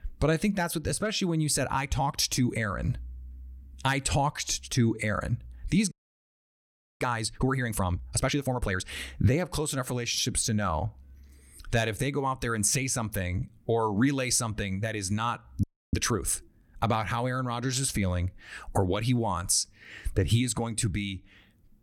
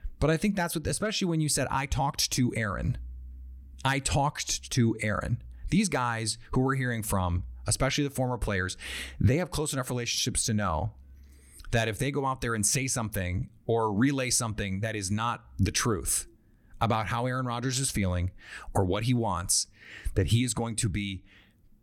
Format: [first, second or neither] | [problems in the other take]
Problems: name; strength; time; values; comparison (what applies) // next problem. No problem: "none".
second | audio freezing; at 6 s for 1 s and at 16 s